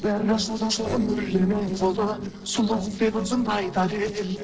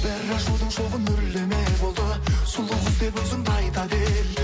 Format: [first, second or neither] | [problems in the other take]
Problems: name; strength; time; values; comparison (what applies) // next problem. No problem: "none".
second | noise reduction (neural separator model SepFormer DNS4)